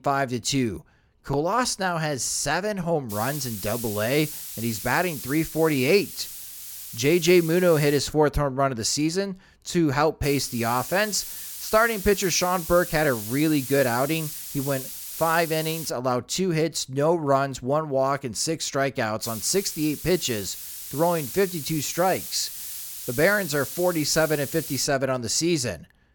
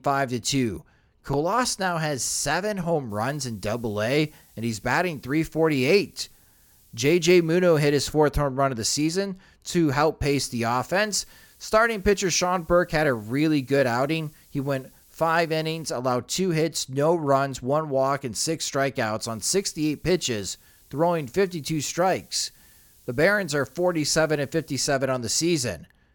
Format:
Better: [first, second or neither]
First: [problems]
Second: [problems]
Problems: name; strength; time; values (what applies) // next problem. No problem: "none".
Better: second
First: hiss; loud; from 3 to 8 s, from 10 to 16 s and from 19 to 25 s; 9 dB below the speech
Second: hiss; faint; from 3 to 8 s, from 10 to 16 s and from 19 to 25 s; 30 dB below the speech